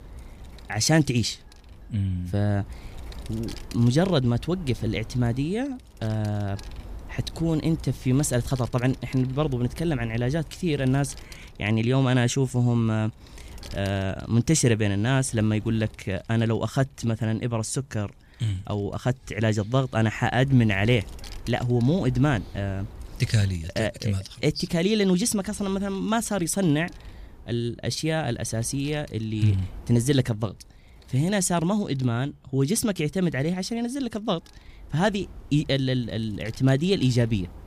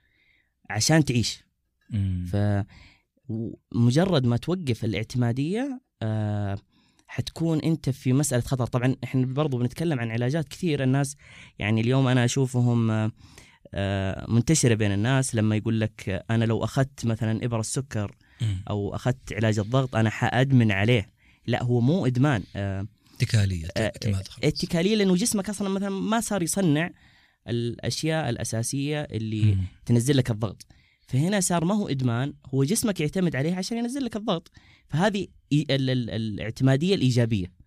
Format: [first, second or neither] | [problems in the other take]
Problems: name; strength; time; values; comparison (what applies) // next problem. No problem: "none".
second | wind noise on the microphone; occasional gusts; 20 dB below the speech